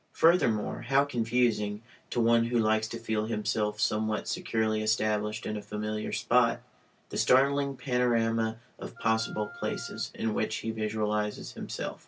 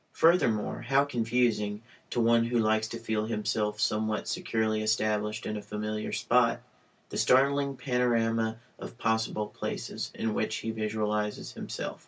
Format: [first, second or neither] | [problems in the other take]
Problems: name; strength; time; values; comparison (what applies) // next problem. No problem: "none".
second | background sound (Wind instrument, woodwind instrument); 19 dB below the speech